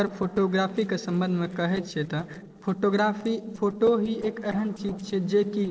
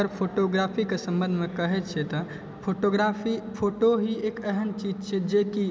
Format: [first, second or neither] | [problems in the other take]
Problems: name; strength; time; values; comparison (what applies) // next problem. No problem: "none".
second | noise reduction (neural separator model SepFormer DNS4)